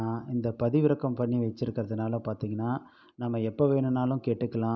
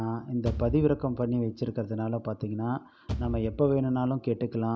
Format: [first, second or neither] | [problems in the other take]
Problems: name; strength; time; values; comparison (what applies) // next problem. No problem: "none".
first | background sound (Bass drum / Thump, thud); 9 dB below the speech